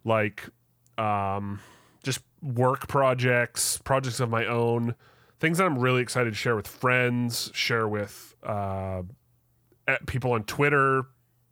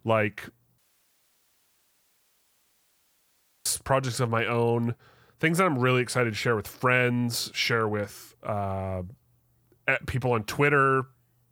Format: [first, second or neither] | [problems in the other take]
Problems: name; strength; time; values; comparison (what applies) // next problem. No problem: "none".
first | audio cutting out; at 1 s for 3 s